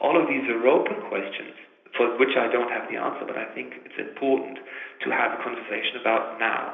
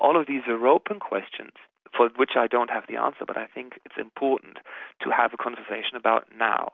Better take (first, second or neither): second